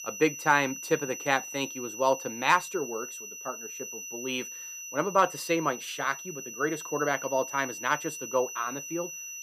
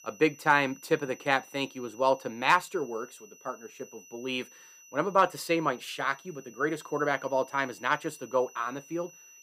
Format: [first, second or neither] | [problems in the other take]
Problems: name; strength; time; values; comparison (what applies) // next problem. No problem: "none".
second | high-pitched whine; loud; throughout; 6 kHz, 9 dB below the speech; faint in the second